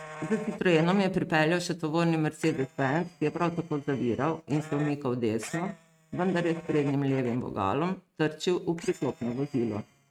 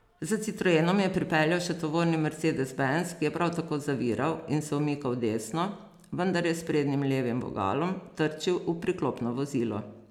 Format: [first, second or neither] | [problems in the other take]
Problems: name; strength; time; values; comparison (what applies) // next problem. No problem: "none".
second | noise reduction (neural mask model RNNoise)